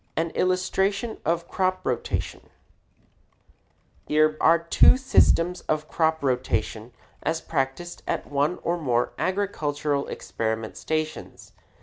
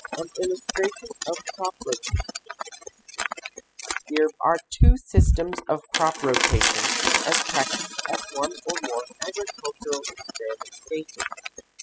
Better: first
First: none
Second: noise reduction (classical method spectral subtraction)

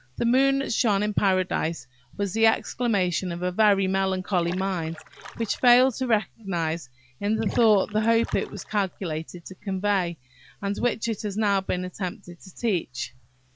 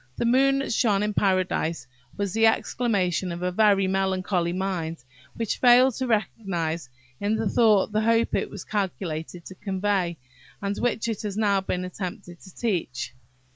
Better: second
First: background sound (Splash, splatter); 19 dB below the speech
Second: none

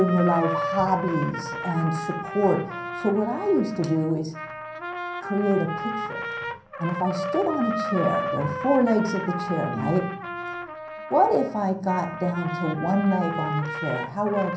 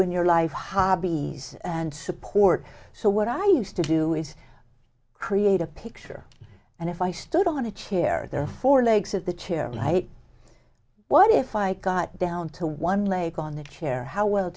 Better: second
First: background sound (Trumpet); 6 dB below the speech // room echo; dies away in 0.6 s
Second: none

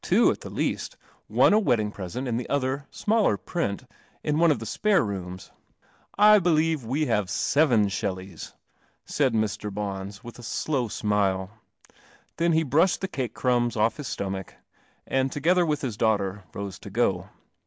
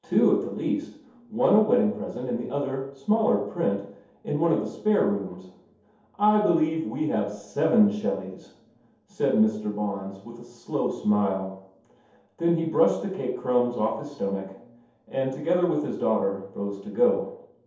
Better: first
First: none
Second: room echo; dies away in 0.7 s

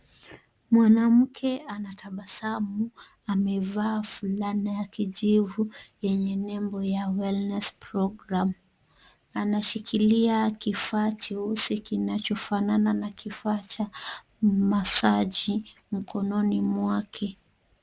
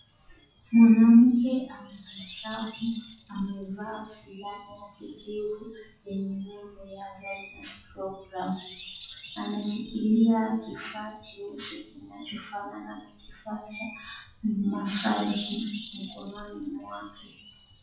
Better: first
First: none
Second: noise reduction (classical method WPE with log-MMSE)

